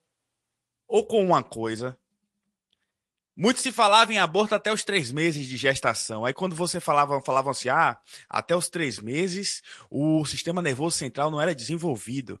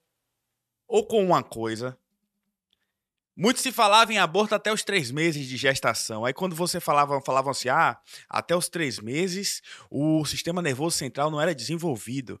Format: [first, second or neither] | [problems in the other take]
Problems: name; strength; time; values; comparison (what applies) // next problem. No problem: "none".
second | garbled, watery; slightly; nothing above 10.5 kHz